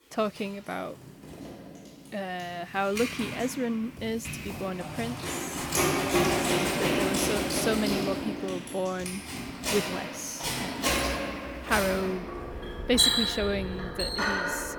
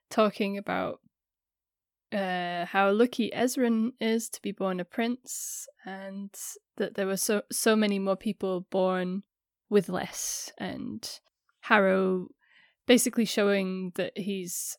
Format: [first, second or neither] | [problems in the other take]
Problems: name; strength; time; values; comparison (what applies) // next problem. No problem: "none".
second | household noises; very loud; throughout; 3 dB above the speech